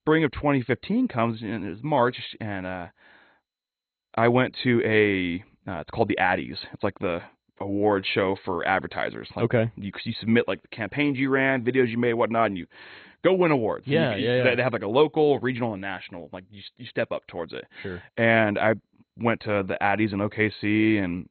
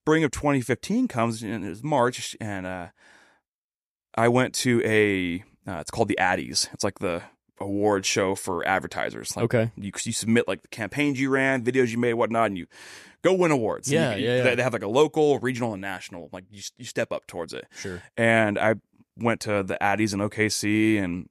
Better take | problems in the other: second | garbled, watery; badly; nothing above 4 kHz

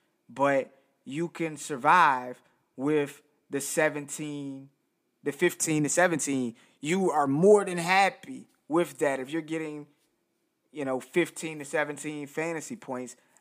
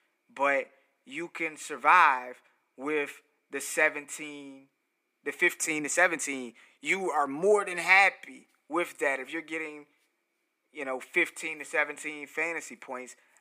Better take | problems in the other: first | thin; somewhat; fading below 350 Hz

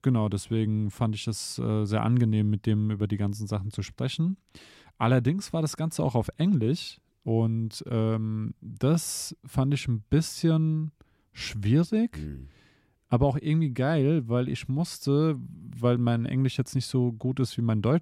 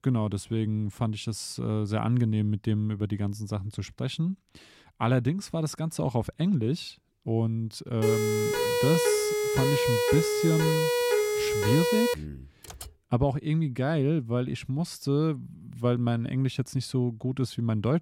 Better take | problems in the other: first | siren; loud; from 8 to 12 s; peak 4 dB above the speech // keyboard typing; faint; at 13 s; peak 15 dB below the speech

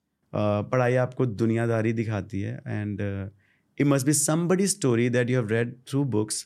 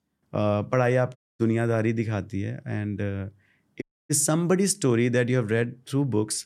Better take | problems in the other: first | audio cutting out; at 1 s and at 4 s

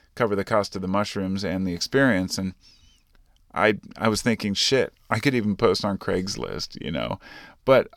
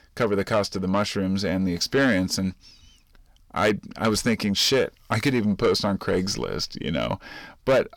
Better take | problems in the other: first | distortion; slight; 10 dB below the speech

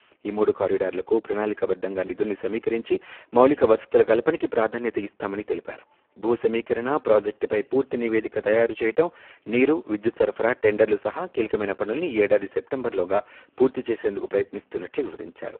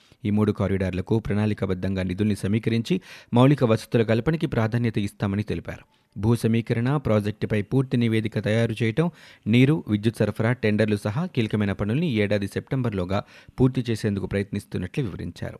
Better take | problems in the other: second | phone-call audio; poor line

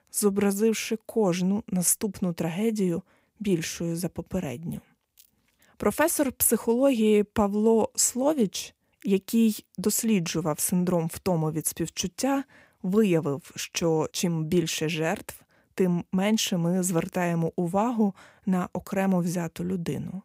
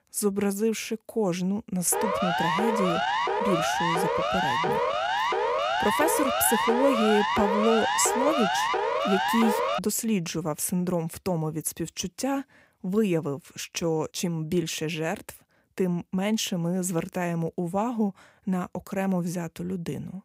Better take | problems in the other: first | siren; loud; from 2 to 10 s; peak 3 dB above the speech

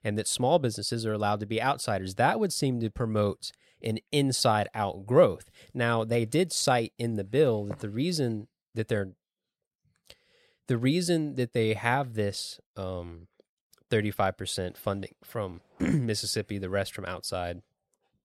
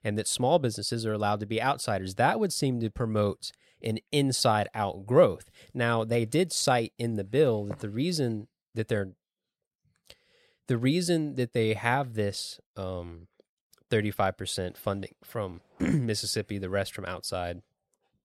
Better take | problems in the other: neither | none

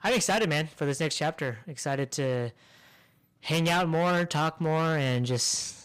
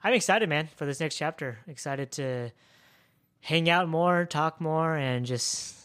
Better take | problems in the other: second | distortion; heavy; 12% of the sound clipped

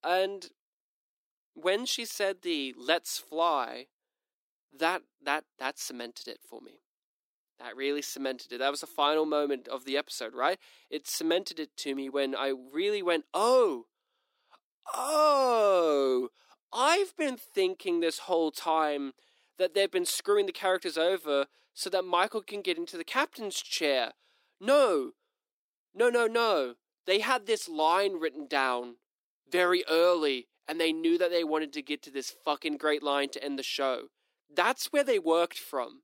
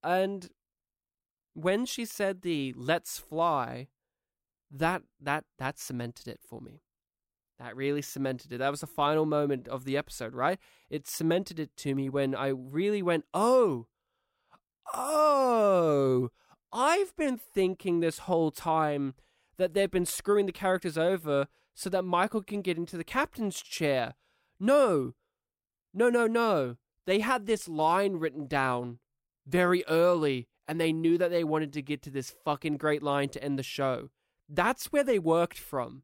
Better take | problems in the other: second | thin; very slightly; fading below 300 Hz

